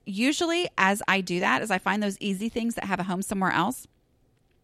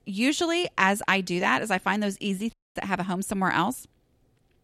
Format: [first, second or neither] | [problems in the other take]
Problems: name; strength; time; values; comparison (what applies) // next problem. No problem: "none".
first | audio cutting out; at 2.5 s